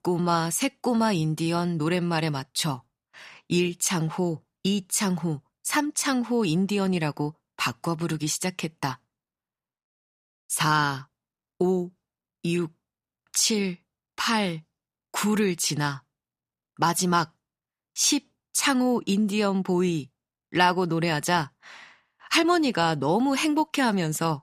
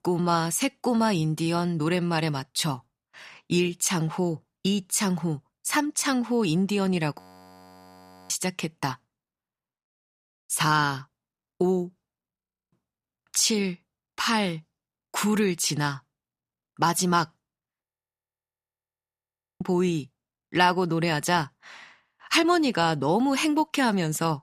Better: first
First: none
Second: audio freezing; at 7 s for 1 s, at 12 s and at 18 s for 2 s

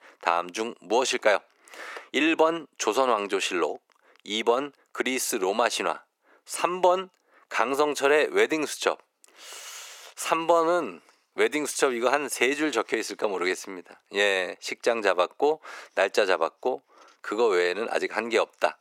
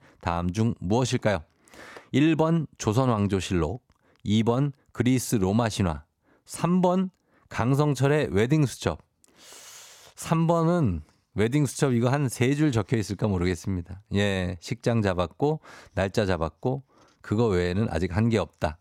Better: second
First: thin; very; fading below 400 Hz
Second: none

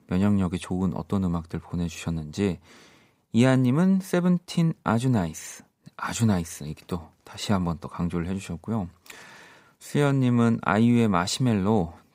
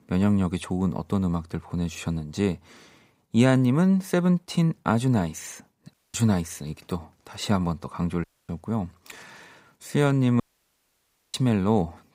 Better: first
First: none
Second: audio cutting out; at 6 s, at 8 s and at 10 s for 1 s

